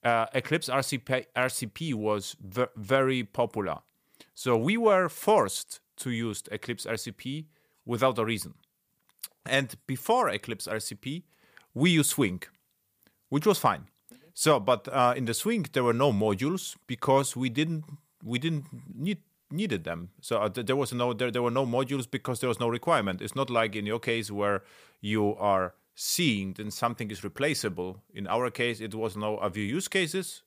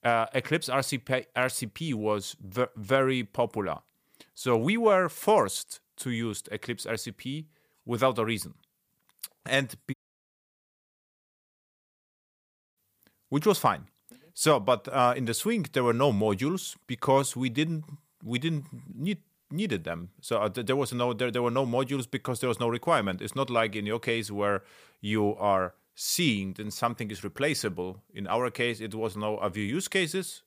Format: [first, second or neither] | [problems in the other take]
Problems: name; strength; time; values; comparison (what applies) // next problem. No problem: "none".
first | audio cutting out; at 10 s for 3 s